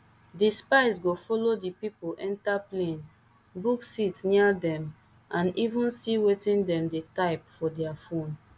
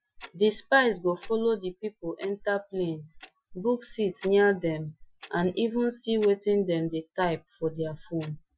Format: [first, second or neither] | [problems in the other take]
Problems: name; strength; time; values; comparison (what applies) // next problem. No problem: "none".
first | noise reduction (classical method Wiener filter)